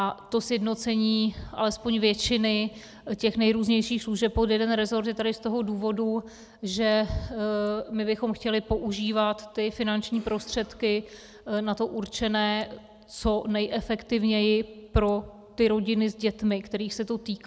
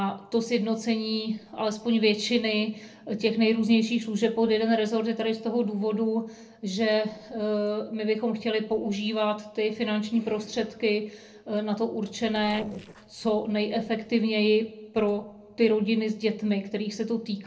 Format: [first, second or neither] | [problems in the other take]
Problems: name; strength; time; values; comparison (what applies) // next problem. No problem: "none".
first | noise reduction (neural separator model SepFormer DNS4)